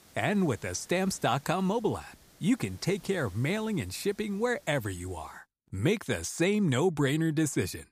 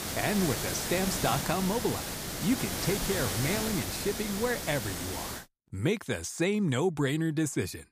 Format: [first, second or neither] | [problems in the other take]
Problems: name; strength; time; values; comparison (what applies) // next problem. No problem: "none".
first | hiss; loud; until 5.5 s; 2 dB below the speech; faint in the first